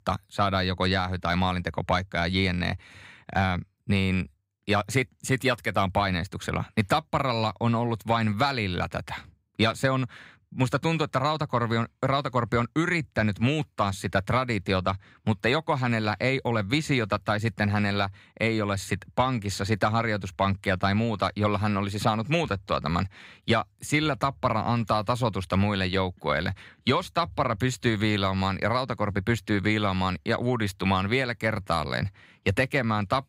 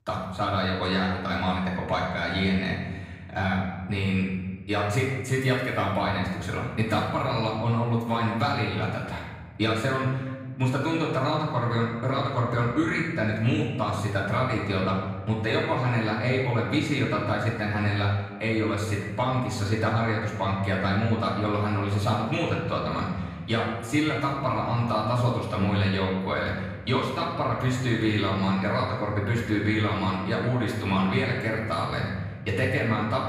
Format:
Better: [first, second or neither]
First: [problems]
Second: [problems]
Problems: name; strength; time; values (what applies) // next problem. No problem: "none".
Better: first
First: none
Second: off-mic speech; far // room echo; noticeable; dies away in 1.3 s